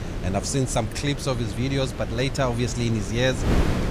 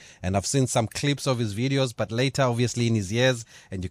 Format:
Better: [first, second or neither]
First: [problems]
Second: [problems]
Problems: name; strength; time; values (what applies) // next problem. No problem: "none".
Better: second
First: wind noise on the microphone; heavy; 7 dB below the speech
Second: none